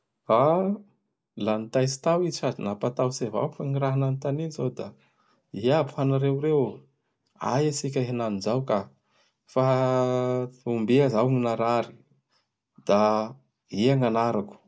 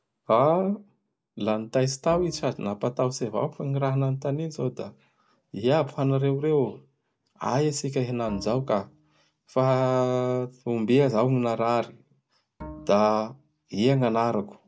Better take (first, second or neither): first